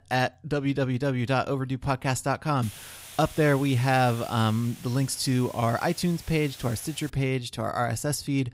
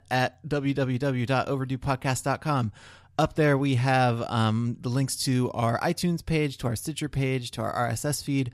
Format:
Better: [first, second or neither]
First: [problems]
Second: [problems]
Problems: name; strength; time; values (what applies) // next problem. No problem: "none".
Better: second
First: hiss; noticeable; from 2.5 to 7 s; 15 dB below the speech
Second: none